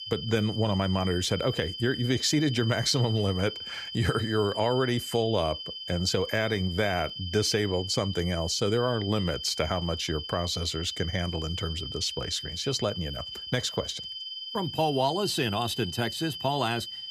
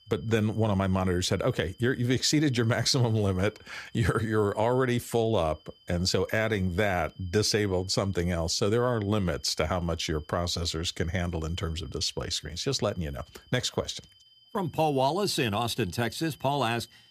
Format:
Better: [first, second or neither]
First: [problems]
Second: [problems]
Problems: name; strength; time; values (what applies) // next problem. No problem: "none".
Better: second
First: high-pitched whine; loud; throughout; 3 kHz, 7 dB below the speech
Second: high-pitched whine; faint; throughout; 3 kHz, 30 dB below the speech